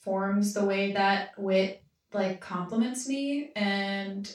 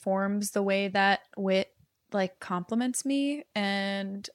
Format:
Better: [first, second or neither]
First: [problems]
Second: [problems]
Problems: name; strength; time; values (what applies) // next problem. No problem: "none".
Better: second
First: room echo; noticeable; dies away in 0.3 s // off-mic speech; far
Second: none